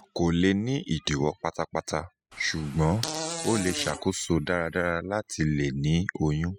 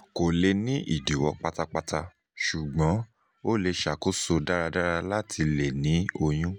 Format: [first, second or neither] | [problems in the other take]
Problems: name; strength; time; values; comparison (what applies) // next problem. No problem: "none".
second | noise reduction (classical method spectral subtraction)